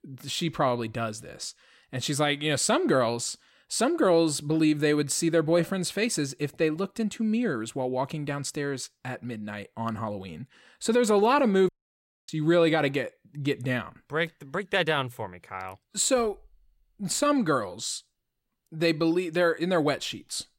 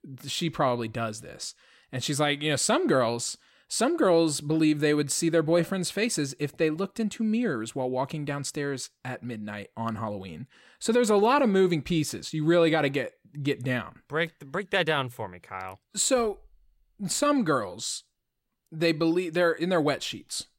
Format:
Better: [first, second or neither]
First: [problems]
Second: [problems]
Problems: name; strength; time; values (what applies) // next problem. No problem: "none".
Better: second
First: audio cutting out; at 12 s for 0.5 s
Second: none